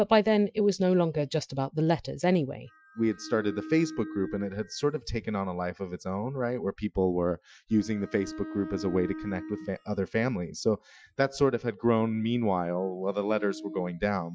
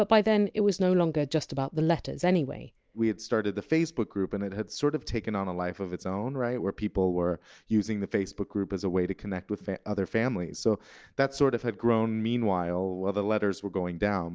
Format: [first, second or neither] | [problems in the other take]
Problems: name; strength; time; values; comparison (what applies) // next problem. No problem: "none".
second | noise reduction (classical method Wiener filter)